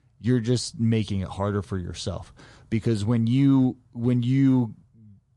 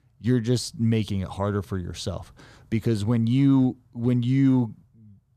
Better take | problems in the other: second | garbled, watery; slightly

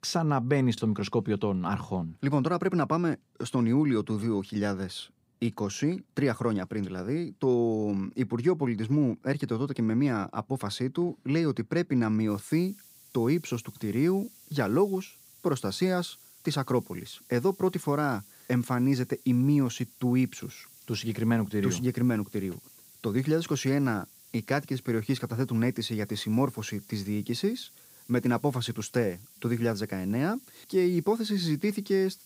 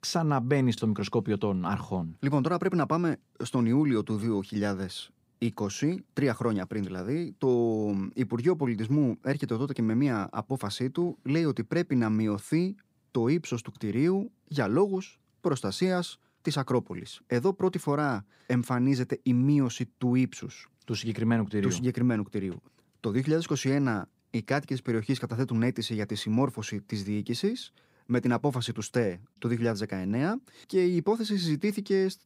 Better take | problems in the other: second | hiss; faint; from 12 s on; 25 dB below the speech

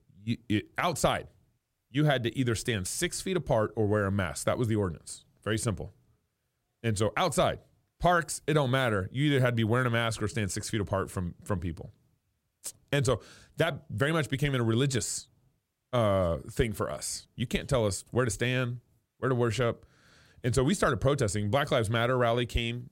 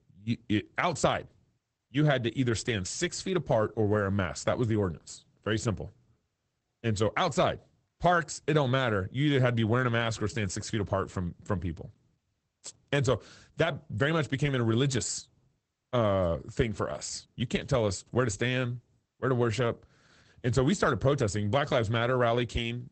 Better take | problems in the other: first | garbled, watery; badly; nothing above 8 kHz

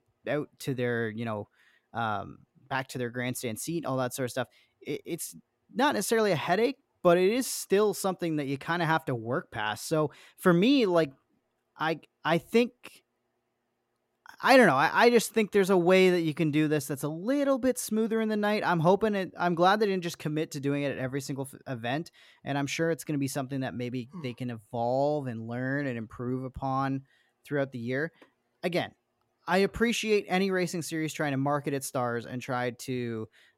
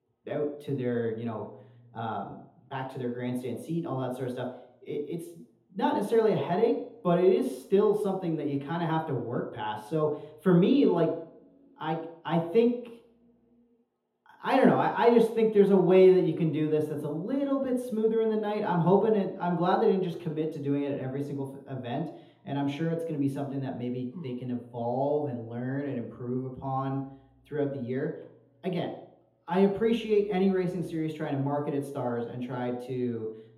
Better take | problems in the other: first | room echo; noticeable; dies away in 0.7 s // off-mic speech; far

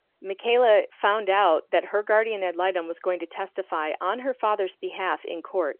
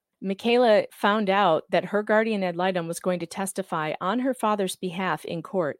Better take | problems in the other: second | phone-call audio

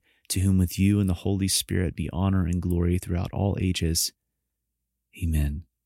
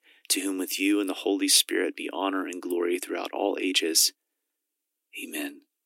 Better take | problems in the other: first | thin; somewhat; fading below 300 Hz

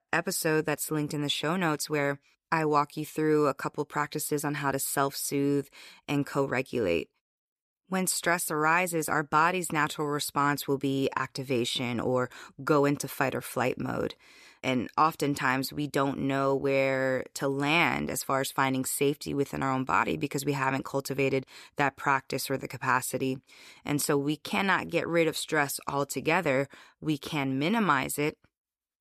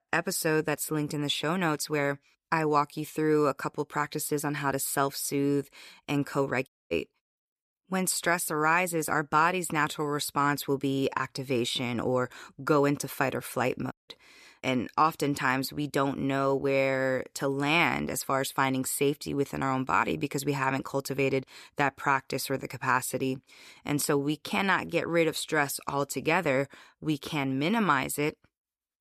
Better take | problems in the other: first | audio cutting out; at 6.5 s and at 14 s

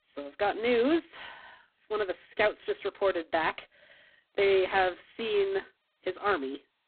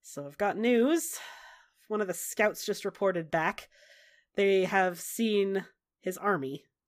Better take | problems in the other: second | phone-call audio; poor line; nothing above 4 kHz

